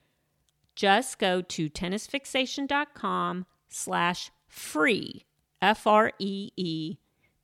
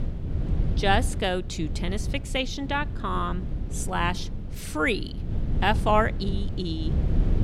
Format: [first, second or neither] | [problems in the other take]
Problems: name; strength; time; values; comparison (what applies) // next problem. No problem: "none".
first | wind noise on the microphone; occasional gusts; 15 dB below the speech